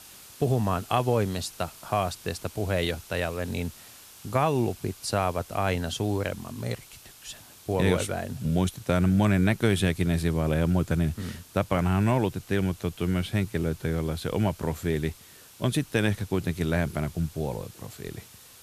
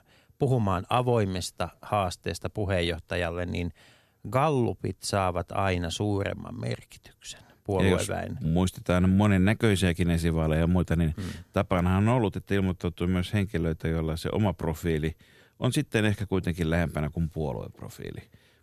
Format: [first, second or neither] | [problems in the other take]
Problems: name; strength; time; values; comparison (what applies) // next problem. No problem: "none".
second | hiss; faint; throughout; 20 dB below the speech